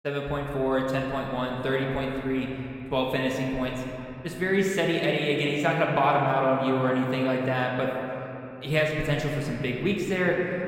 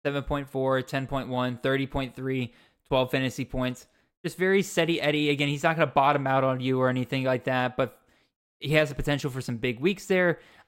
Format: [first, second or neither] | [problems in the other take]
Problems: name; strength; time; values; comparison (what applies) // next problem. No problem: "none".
second | room echo; noticeable; dies away in 2.7 s